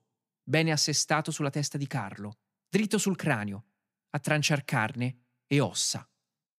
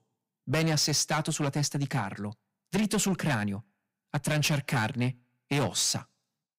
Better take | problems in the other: first | distortion; heavy; 11% of the sound clipped

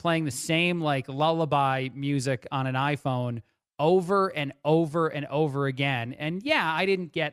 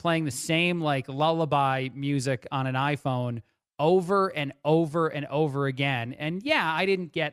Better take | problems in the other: neither | none

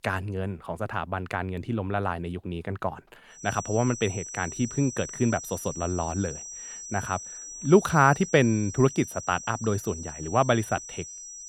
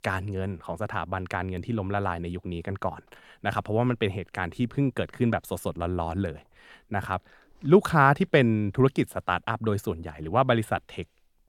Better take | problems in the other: second | high-pitched whine; noticeable; from 3.5 s on; 6 kHz, 10 dB below the speech

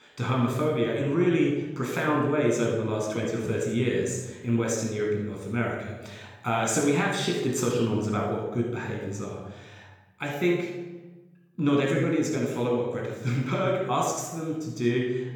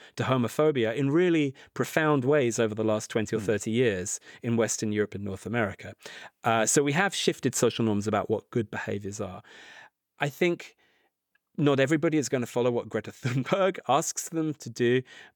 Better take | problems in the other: second | off-mic speech; somewhat distant // room echo; noticeable; dies away in 1 s

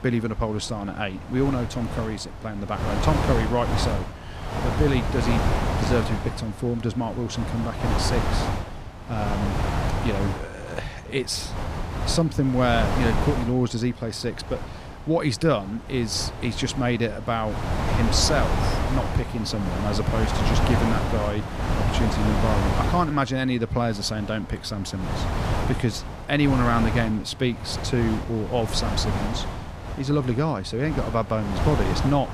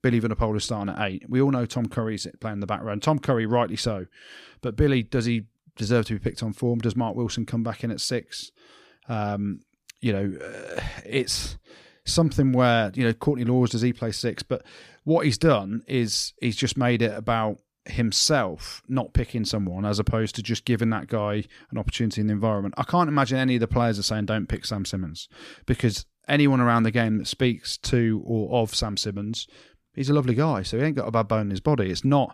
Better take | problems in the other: second | wind noise on the microphone; heavy; 3 dB below the speech

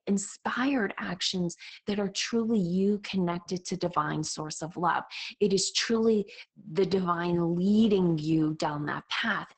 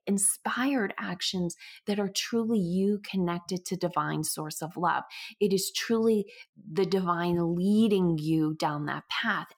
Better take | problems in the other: second | garbled, watery; badly; nothing above 8 kHz

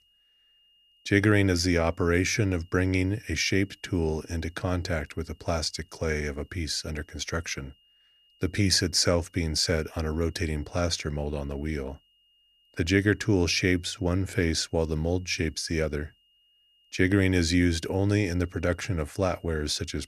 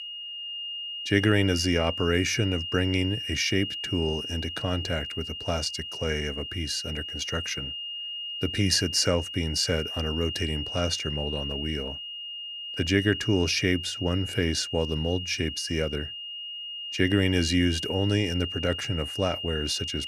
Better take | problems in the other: first | high-pitched whine; loud; throughout; 3 kHz, 5 dB below the speech; faint in the first

